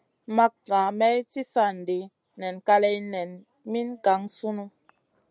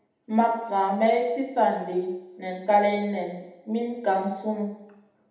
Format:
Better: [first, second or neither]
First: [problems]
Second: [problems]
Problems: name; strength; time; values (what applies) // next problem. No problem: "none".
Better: first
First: none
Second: room echo; dies away in 0.8 s